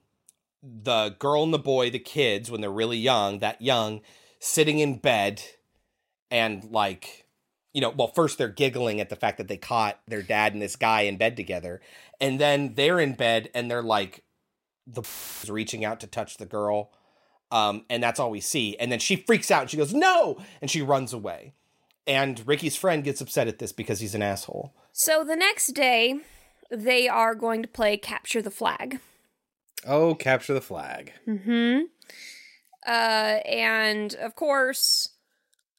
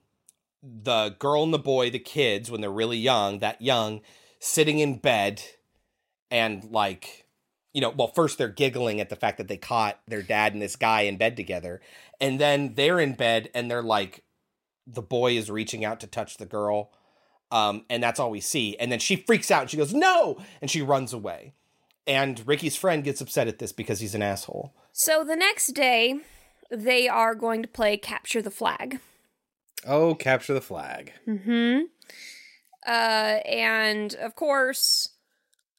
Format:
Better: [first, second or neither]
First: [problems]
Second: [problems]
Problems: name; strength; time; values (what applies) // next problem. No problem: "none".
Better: second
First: audio cutting out; filled with static; at 15 s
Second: none